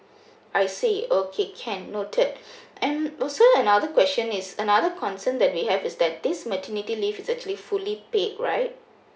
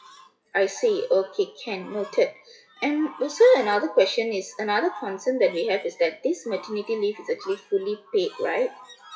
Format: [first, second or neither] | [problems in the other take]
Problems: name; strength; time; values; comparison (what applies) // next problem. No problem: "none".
first | noise reduction (classical method WPE with log-MMSE)